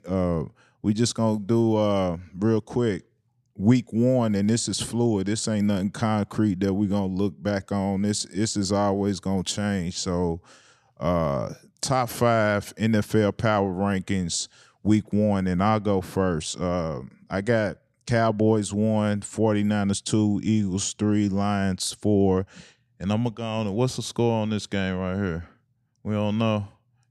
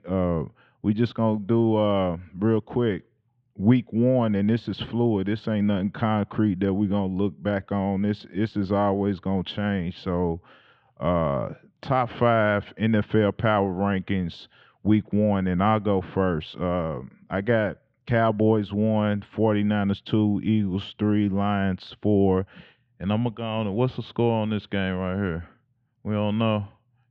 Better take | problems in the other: first | muffled; very; fading above 3 kHz

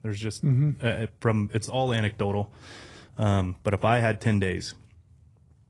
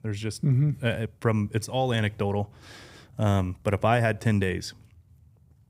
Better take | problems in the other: second | garbled, watery; slightly; nothing above 10 kHz

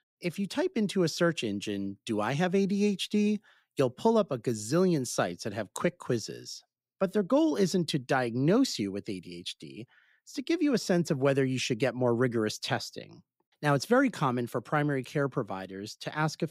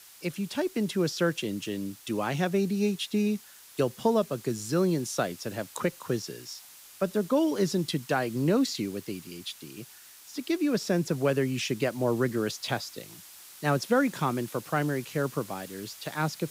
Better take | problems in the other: first | hiss; noticeable; throughout; 20 dB below the speech

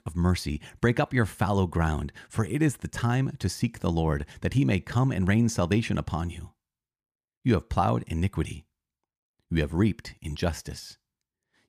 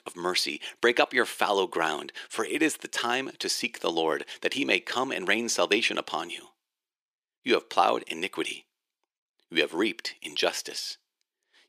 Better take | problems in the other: first | thin; very; fading below 350 Hz

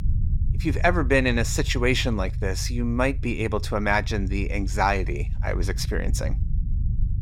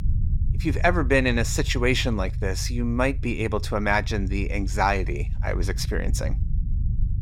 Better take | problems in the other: neither | low rumble; faint; throughout; 20 dB below the speech; the same in both

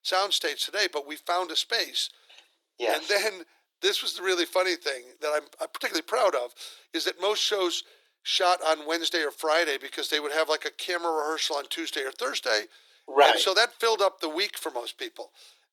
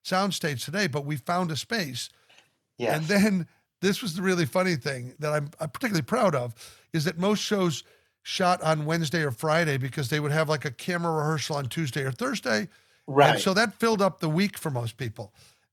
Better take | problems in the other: second | thin; very; fading below 350 Hz

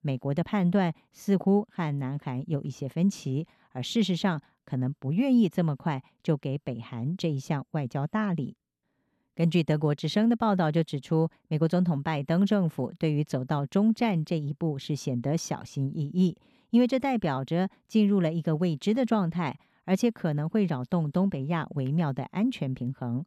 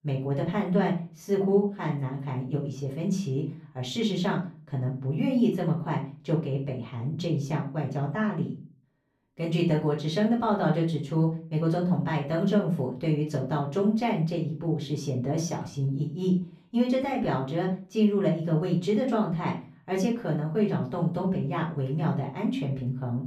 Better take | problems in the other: first | off-mic speech; far // room echo; slight; dies away in 0.3 s

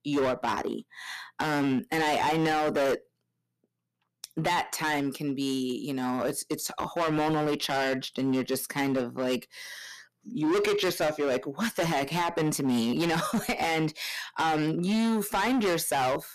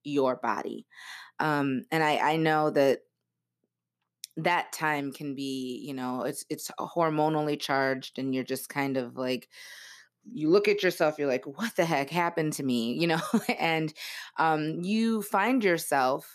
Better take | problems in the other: second | distortion; heavy; 16% of the sound clipped

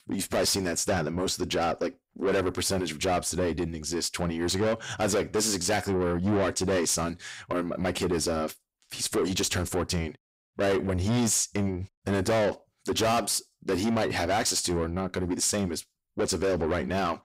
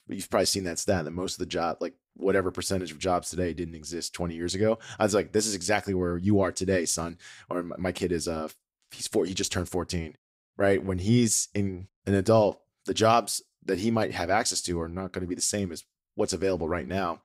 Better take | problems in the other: second | distortion; heavy; 6 dB below the speech

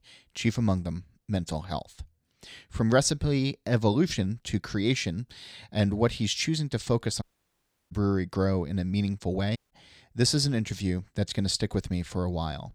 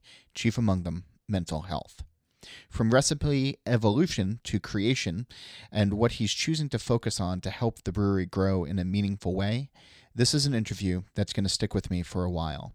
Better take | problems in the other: second | audio cutting out; at 7 s for 0.5 s and at 9.5 s

